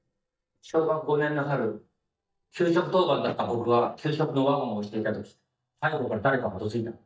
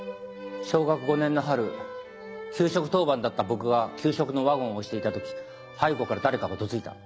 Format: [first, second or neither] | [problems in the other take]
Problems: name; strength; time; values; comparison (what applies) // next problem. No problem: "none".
second | noise reduction (neural mask model DeepFilterNet 3)